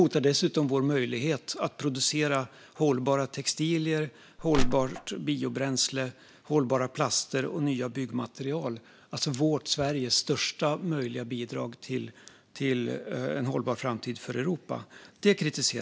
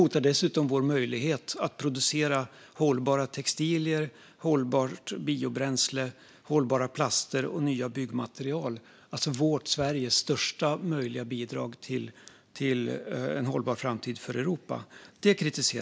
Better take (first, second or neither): second